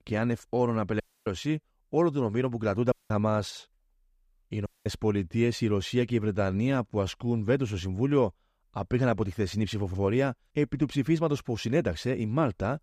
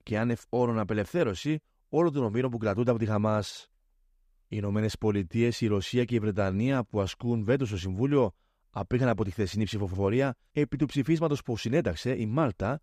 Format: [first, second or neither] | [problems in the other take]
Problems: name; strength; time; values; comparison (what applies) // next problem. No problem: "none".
second | audio cutting out; at 1 s, at 3 s and at 4.5 s